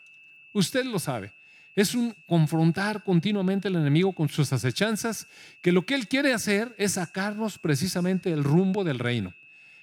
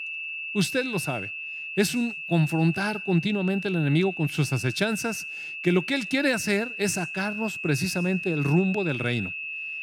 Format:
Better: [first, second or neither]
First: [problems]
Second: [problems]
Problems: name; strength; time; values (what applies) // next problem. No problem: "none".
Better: first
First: high-pitched whine; faint; throughout; 2.5 kHz, 25 dB below the speech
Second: high-pitched whine; loud; throughout; 2.5 kHz, 6 dB below the speech